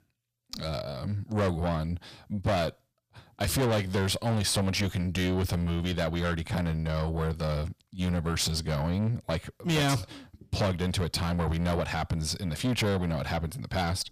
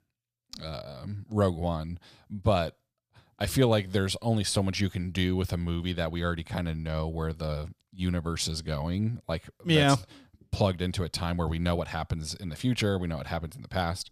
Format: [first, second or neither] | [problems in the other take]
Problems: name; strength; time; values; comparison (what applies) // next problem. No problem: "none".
second | distortion; heavy; 6 dB below the speech